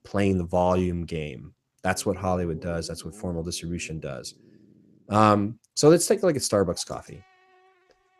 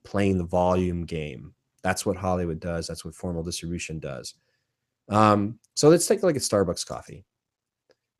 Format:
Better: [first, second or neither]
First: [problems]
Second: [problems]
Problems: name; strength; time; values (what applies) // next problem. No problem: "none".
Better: second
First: animal sounds; faint; throughout; 25 dB below the speech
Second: none